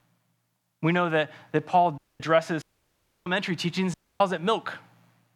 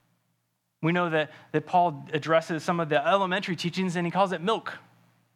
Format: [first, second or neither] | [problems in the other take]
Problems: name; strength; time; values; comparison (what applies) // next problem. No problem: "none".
second | audio cutting out; at 2 s, at 2.5 s for 0.5 s and at 4 s